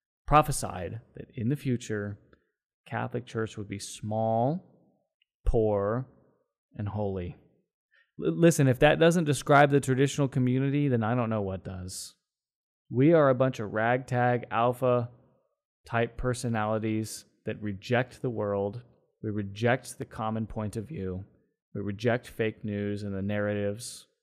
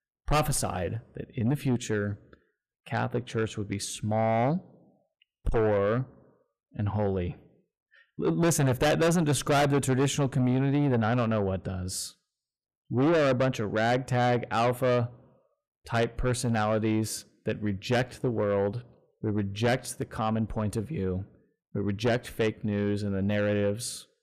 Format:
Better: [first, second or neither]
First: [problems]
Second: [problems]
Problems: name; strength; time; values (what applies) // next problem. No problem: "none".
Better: first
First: none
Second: distortion; heavy; 6 dB below the speech